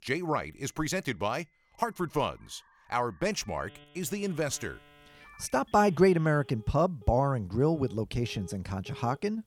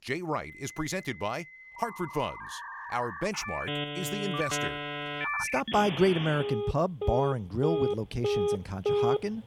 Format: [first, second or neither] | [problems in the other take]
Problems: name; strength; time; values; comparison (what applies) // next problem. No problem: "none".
first | alarms or sirens; loud; throughout; 1 dB below the speech; faint in the first